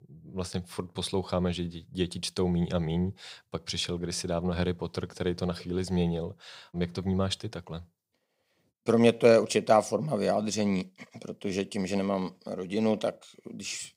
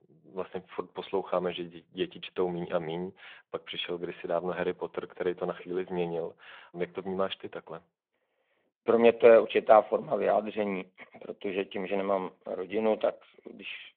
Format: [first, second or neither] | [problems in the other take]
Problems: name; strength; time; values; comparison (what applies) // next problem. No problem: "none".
first | phone-call audio; nothing above 3.5 kHz